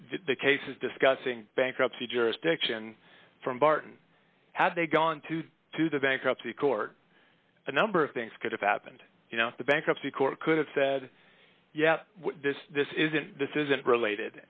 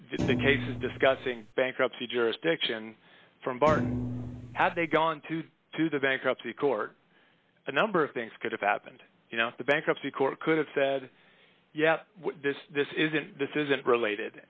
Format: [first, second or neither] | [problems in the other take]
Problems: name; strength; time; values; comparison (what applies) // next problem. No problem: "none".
first | background sound (Thump, thud); 4 dB below the speech